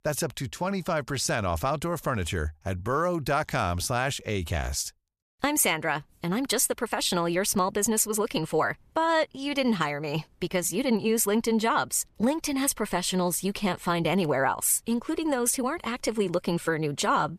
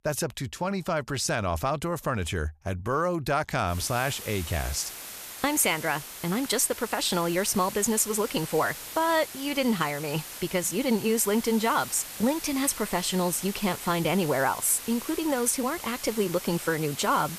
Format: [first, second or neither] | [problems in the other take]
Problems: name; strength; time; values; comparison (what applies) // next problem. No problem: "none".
first | hiss; noticeable; from 3.5 s on; 10 dB below the speech